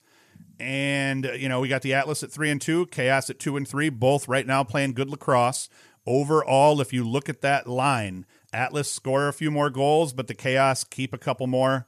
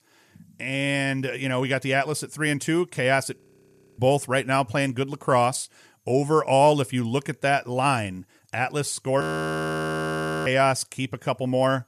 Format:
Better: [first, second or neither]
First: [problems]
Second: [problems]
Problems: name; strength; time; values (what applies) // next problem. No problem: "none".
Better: first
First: none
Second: audio freezing; at 3.5 s for 0.5 s and at 9 s for 1.5 s